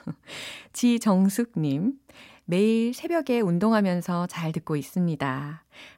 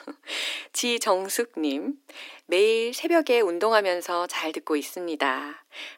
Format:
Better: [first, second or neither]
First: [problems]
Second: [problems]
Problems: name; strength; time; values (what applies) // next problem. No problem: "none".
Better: first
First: none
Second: thin; very; fading below 300 Hz